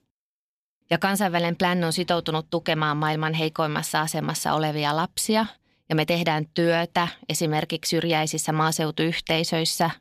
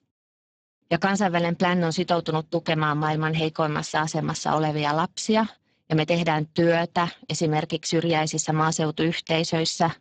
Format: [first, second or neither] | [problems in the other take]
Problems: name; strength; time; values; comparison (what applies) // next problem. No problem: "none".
first | garbled, watery; badly; nothing above 7.5 kHz